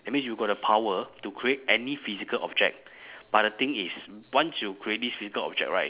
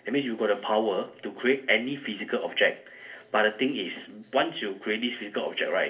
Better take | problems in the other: first | room echo; dies away in 0.3 s

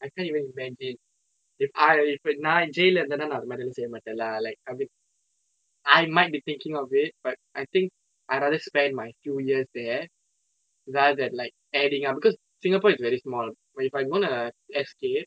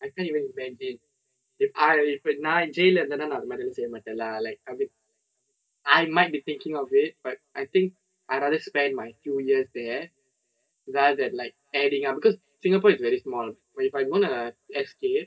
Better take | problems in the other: first | room echo; dies away in 0.3 s

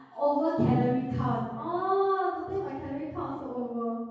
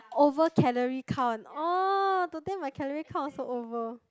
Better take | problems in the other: second | room echo; dies away in 1.3 s

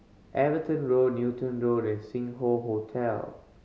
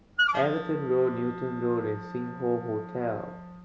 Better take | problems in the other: first | background sound (Wind instrument, woodwind instrument); 5 dB below the speech

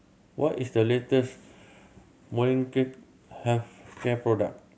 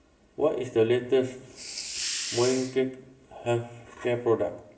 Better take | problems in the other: first | background sound (Hiss); 6 dB below the speech // room echo; dies away in 0.6 s

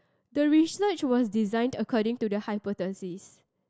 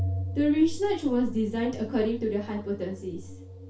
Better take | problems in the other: first | background sound (Organ); 9 dB below the speech // room echo; dies away in 0.3 s

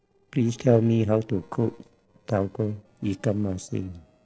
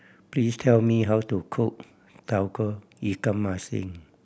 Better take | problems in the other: second | noise reduction (neural separator model SepFormer DNS4)

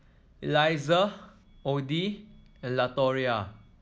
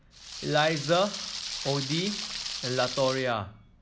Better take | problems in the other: first | background sound (Rain); 7 dB below the speech

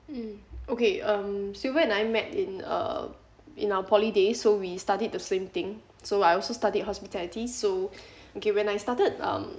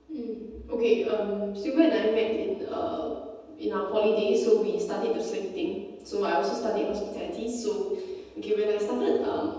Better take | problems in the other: first | room echo; dies away in 1.1 s

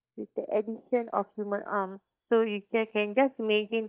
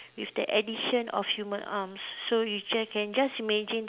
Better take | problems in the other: second | noise reduction (neural mask model DeepFilterNet 3)

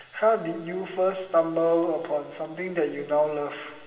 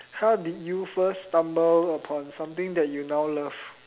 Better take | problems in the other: second | room echo; dies away in 1.7 s

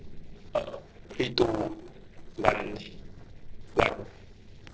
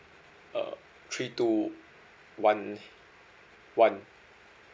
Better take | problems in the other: second | noise reduction (neural separator model SepFormer DNS4)

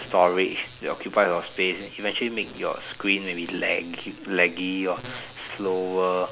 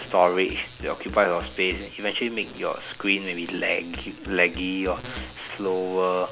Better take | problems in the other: first | background sound (Musical instrument); 16 dB below the speech

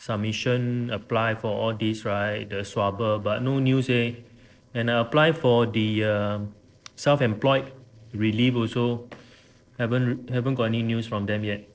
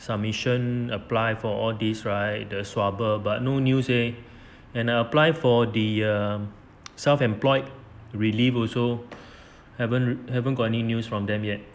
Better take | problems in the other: second | noise reduction (neural separator model SepFormer DNS4)

